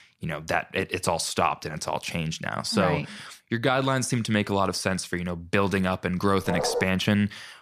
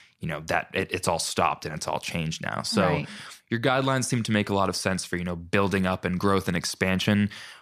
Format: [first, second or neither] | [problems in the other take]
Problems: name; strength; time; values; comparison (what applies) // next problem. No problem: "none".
second | dog barking; noticeable; at 6.5 s; peak 2 dB below the speech